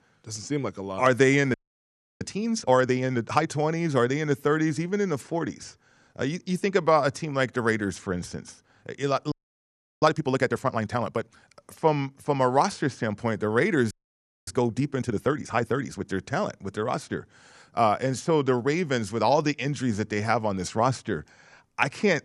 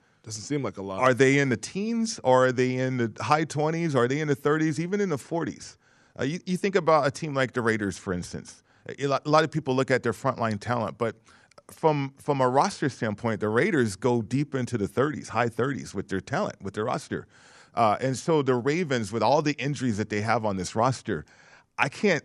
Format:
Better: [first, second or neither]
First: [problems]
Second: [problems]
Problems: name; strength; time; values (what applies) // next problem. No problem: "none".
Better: second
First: audio freezing; at 1.5 s for 0.5 s, at 9.5 s for 0.5 s and at 14 s for 0.5 s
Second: none